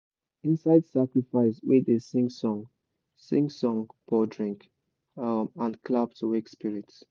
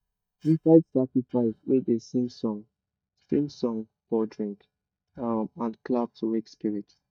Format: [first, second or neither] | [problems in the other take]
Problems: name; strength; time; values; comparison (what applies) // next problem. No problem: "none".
first | noise reduction (neural mask model DeepFilterNet 3)